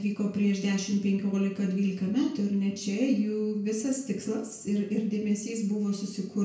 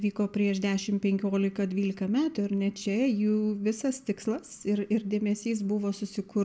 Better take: second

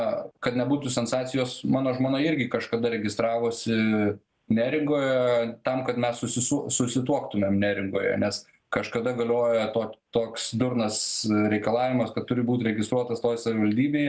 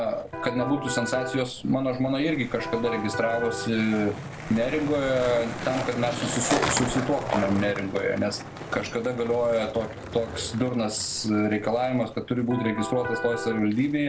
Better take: first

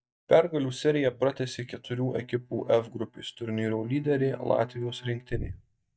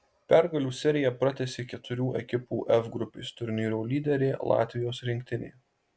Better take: second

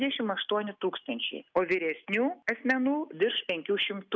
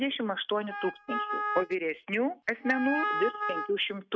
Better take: first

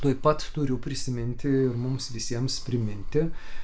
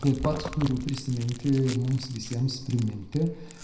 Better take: first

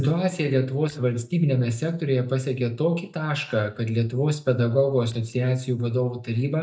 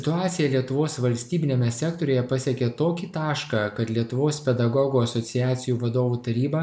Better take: second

